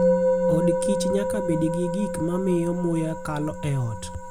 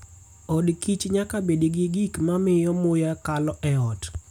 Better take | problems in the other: second | background sound (Musical instrument); 1 dB above the speech

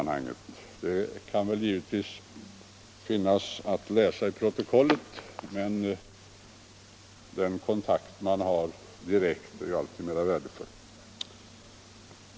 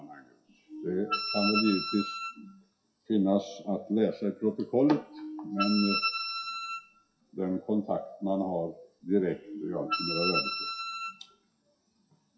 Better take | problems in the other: first | noise reduction (classical method WPE with log-MMSE)

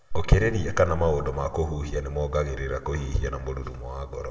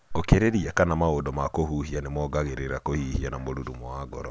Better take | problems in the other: second | room echo; dies away in 1.3 s

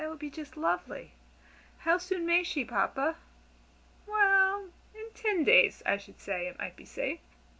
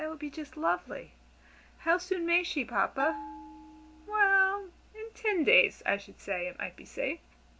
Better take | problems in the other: first | background sound (Bell); 17 dB below the speech

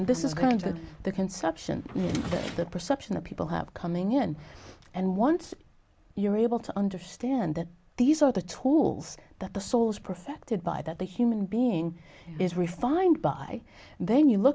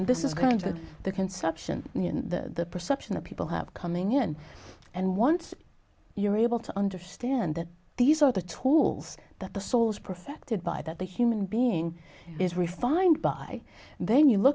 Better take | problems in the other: second | background sound (Drawer open or close); 11 dB below the speech

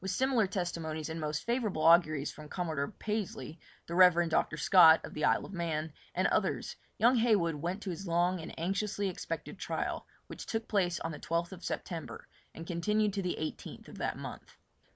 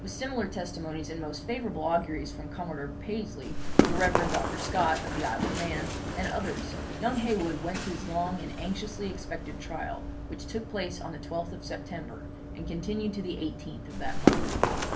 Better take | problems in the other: first | background sound (Run); 1 dB above the speech // room echo; dies away in 0.3 s

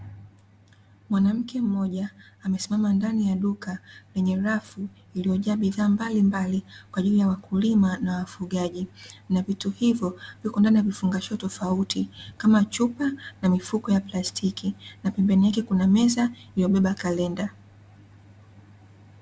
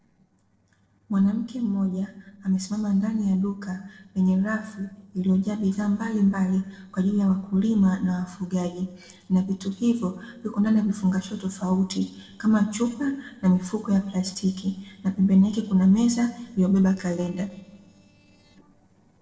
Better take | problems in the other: first | noise reduction (neural separator model SepFormer DNS4)

